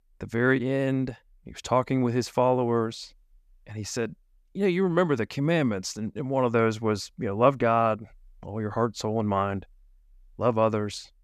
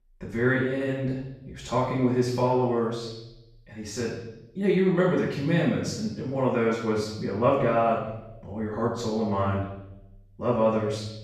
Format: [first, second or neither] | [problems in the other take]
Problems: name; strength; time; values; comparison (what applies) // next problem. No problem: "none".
first | room echo; noticeable; dies away in 0.8 s // off-mic speech; far